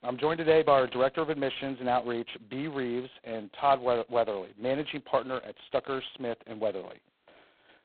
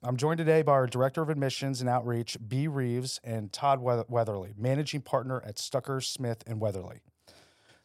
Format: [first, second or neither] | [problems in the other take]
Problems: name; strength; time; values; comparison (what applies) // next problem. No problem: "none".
second | phone-call audio; poor line; nothing above 4 kHz